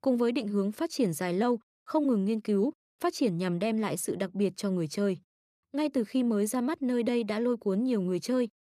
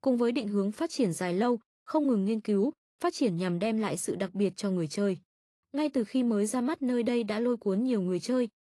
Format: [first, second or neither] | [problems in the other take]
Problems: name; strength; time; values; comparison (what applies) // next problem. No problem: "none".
first | garbled, watery; slightly; nothing above 11 kHz